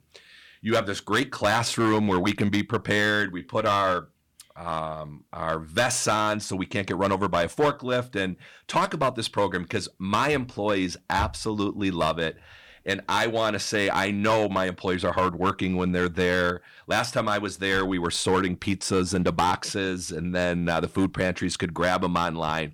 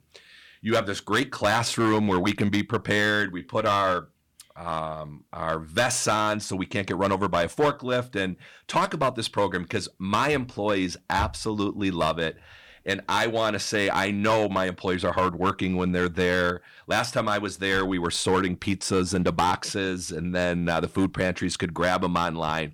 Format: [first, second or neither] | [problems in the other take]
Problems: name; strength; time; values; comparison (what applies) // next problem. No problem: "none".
neither | distortion; slight; 6% of the sound clipped; the same in both